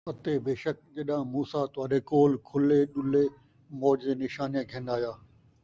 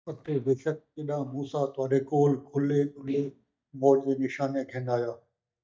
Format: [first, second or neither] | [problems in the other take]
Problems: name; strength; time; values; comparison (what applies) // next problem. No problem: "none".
first | noise reduction (neural mask model DeepFilterNet 3)